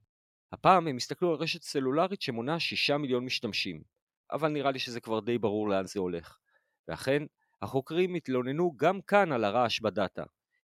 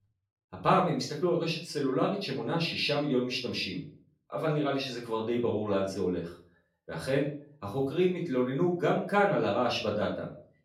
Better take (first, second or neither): first